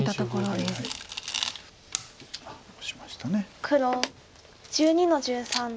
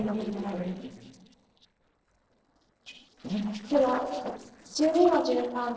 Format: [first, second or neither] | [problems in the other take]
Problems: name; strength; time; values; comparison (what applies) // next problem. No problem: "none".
first | noise reduction (neural separator model SepFormer DNS4)